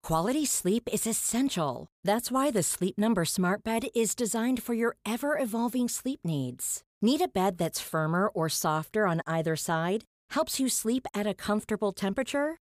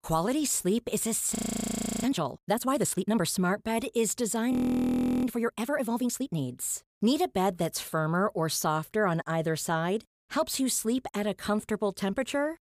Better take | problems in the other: first | audio freezing; at 1.5 s for 0.5 s and at 4.5 s for 0.5 s

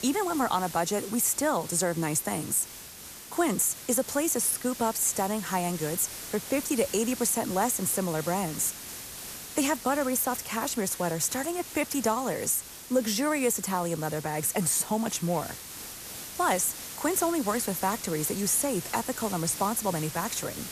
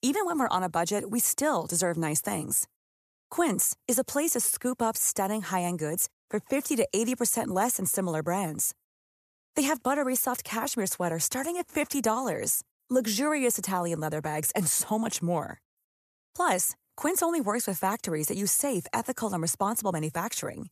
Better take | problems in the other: second | hiss; noticeable; throughout; 10 dB below the speech

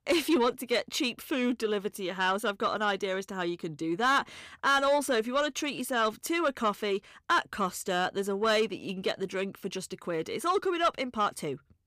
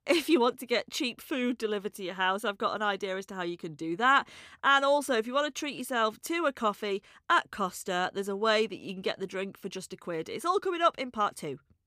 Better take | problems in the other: second | distortion; slight; 10 dB below the speech

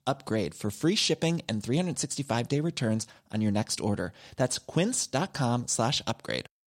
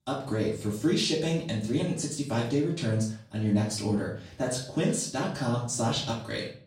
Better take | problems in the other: first | off-mic speech; far // room echo; slight; dies away in 0.4 s

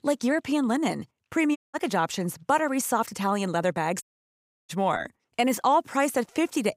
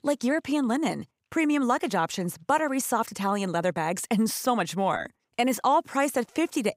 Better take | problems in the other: second | audio cutting out; at 1.5 s and at 4 s for 0.5 s

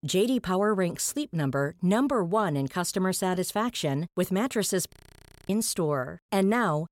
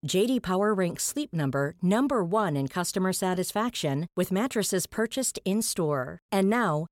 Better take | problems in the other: second | audio freezing; at 5 s for 0.5 s

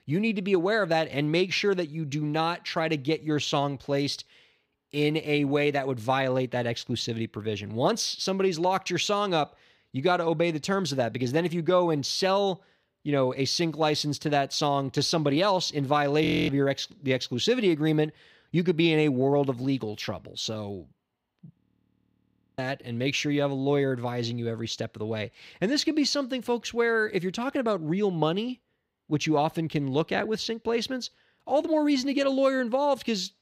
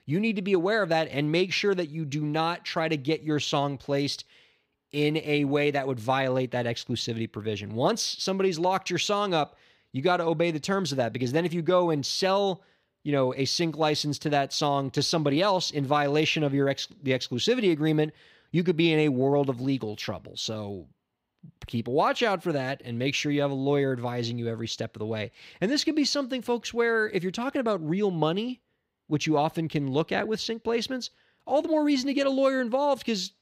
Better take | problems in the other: second | audio freezing; at 16 s and at 22 s for 1 s

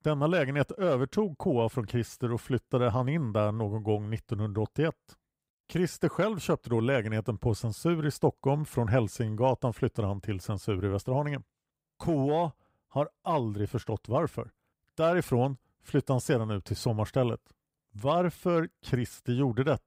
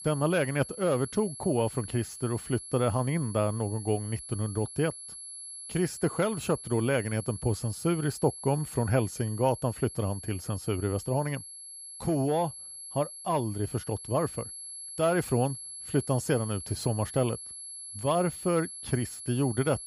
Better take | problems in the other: first | high-pitched whine; noticeable; throughout; 11 kHz, 10 dB below the speech

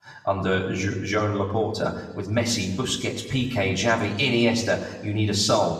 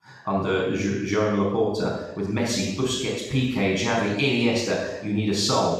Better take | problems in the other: first | room echo; strong; dies away in 0.9 s; slight in the first // off-mic speech; far; somewhat distant in the first

